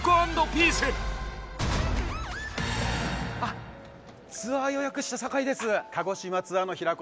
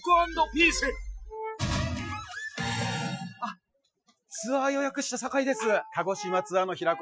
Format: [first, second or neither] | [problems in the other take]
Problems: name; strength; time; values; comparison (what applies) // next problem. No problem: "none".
first | noise reduction (classical method Wiener filter)